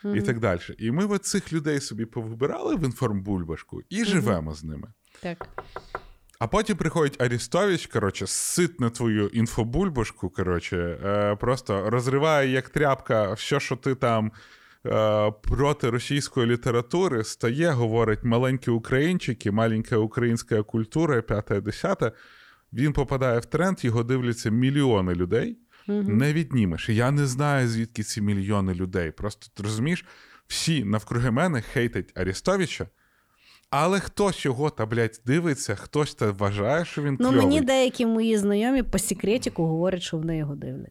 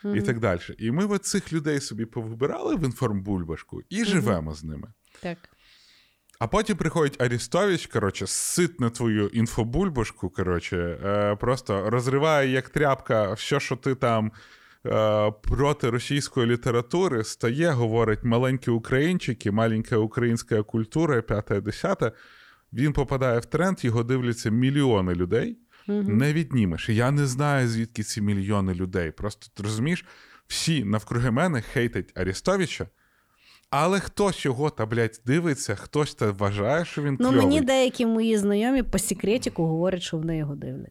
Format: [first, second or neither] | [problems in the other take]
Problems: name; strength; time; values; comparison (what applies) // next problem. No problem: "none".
second | door banging; faint; at 5.5 s; peak 15 dB below the speech